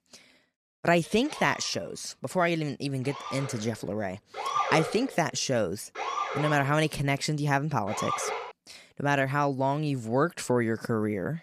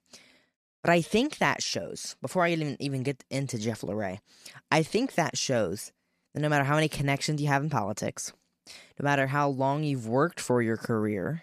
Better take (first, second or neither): second